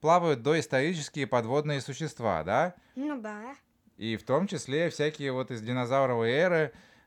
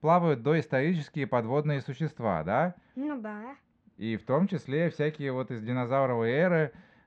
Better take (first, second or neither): first